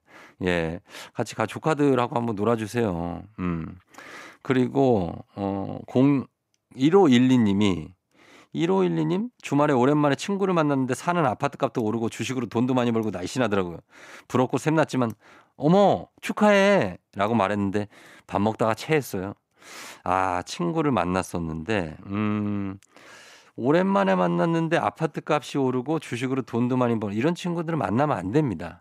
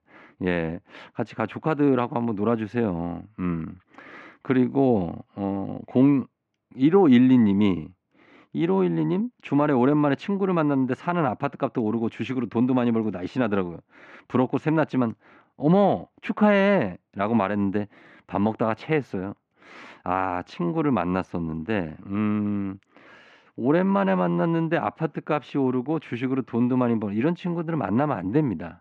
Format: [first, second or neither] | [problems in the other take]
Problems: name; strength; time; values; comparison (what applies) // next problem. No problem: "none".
first | muffled; slightly; fading above 2.5 kHz